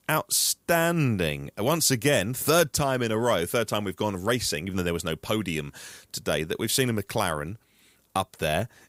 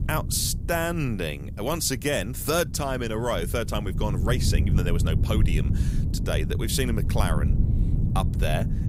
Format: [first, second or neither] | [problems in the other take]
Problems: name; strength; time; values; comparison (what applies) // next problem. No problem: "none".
first | wind noise on the microphone; occasional gusts; 10 dB below the speech